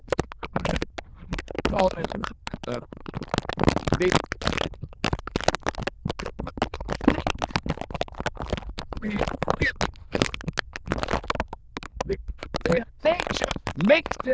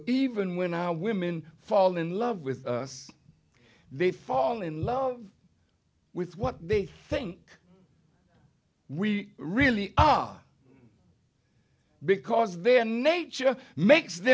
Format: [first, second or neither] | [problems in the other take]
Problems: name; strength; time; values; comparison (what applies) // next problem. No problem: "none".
second | noise reduction (neural diffusion model UNIVERSE++)